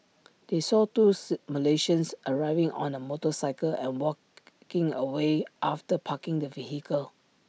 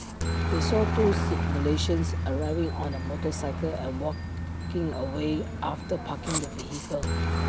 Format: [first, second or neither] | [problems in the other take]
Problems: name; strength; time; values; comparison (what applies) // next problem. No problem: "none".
first | background sound (Aircraft); 2 dB above the speech